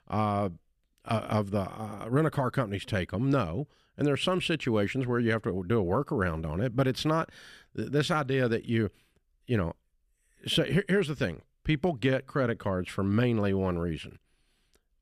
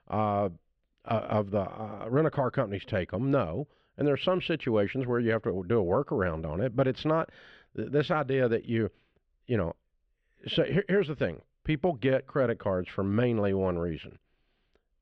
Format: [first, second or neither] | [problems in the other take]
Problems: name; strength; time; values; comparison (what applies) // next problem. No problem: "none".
first | muffled; slightly; fading above 3.5 kHz